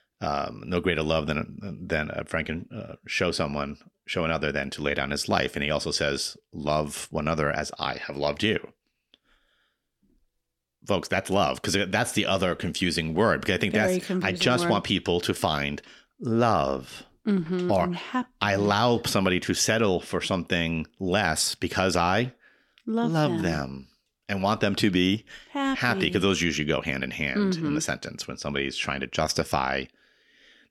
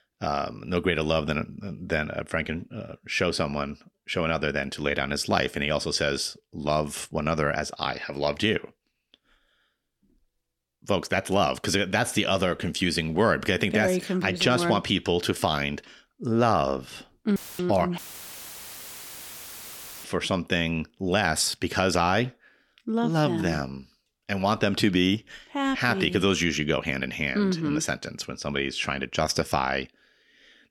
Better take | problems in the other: first | audio cutting out; filled with static; at 17 s and at 18 s for 2 s

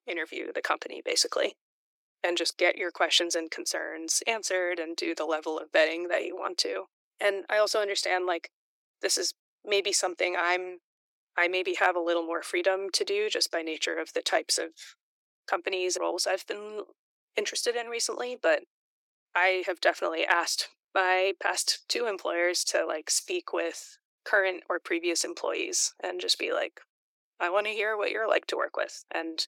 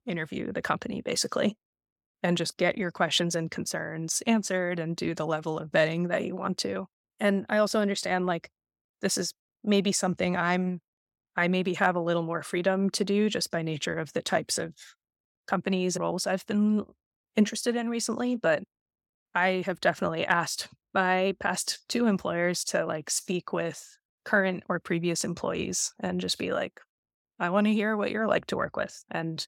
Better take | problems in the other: second | thin; very; fading below 300 Hz

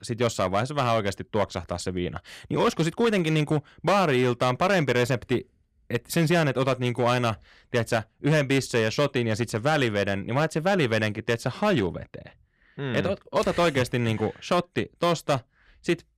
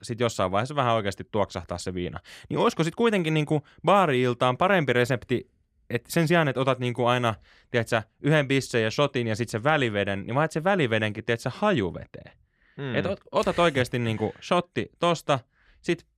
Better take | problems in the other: second | distortion; slight; 5% of the sound clipped

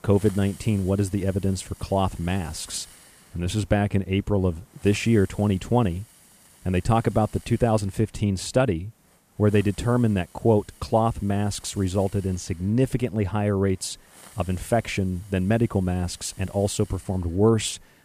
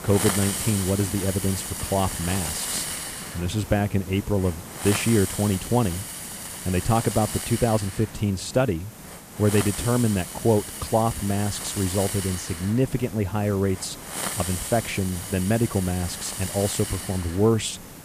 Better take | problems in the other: first | hiss; loud; throughout; 6 dB below the speech; faint in the first

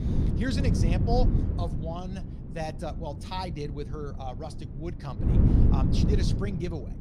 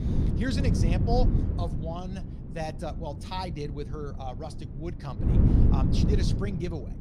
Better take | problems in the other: neither | wind noise on the microphone; heavy; 2 dB below the speech; the same in both

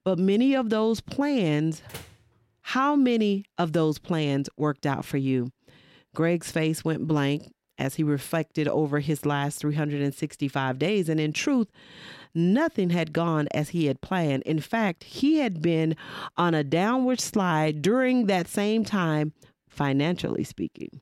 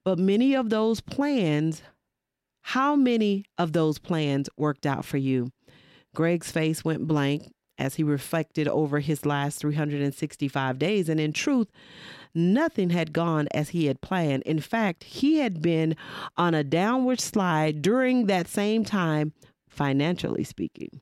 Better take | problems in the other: second | door banging; faint; at 2 s; peak 15 dB below the speech

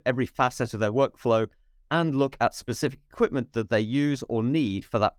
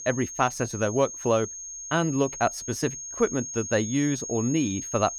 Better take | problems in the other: first | high-pitched whine; loud; throughout; 6.5 kHz, 8 dB below the speech

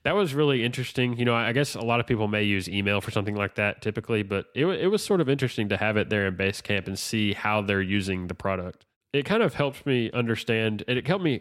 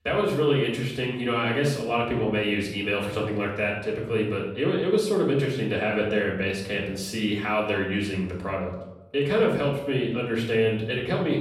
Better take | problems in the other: first | off-mic speech; far // room echo; noticeable; dies away in 0.7 s

